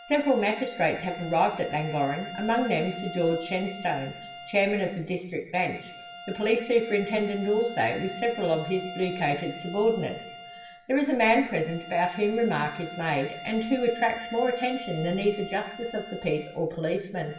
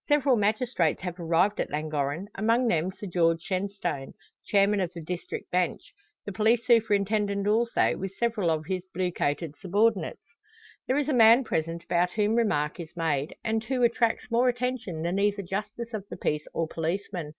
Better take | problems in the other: second | background sound (Bowed string instrument); 14 dB below the speech // room echo; dies away in 0.9 s

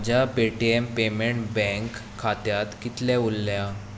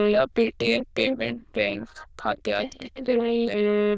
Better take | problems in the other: first | noise reduction (neural diffusion model UNIVERSE++)

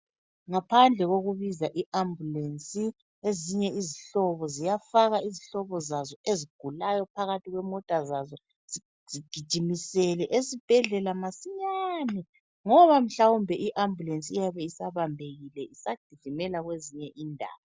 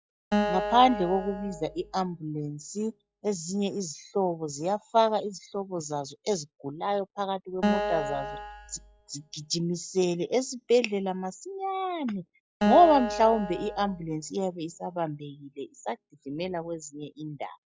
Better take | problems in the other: first | noise reduction (classical method log-MMSE)

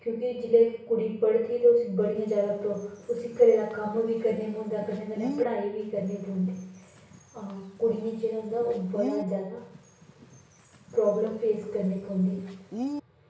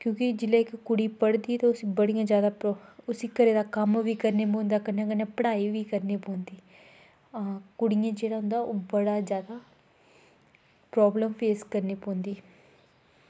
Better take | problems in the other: second | background sound (Bird); 14 dB below the speech // room echo; dies away in 0.6 s

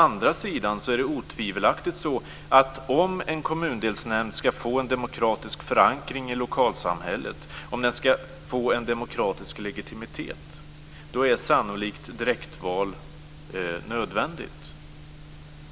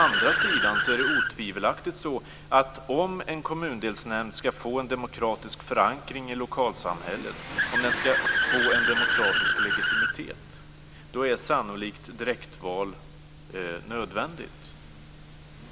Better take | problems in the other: first | background sound (Accelerating, revving, vroom / Car); as loud as the speech

